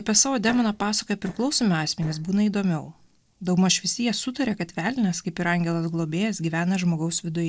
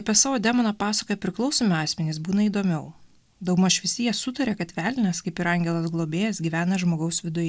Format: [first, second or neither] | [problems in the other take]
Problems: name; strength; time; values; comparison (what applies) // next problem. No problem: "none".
second | noise reduction (neural separator model SepFormer DNS4)